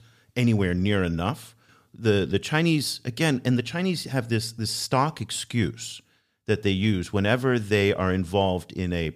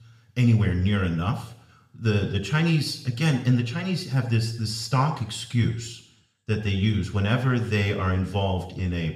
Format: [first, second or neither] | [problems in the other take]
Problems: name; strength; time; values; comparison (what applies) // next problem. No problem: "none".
first | room echo; slight; dies away in 0.7 s // off-mic speech; somewhat distant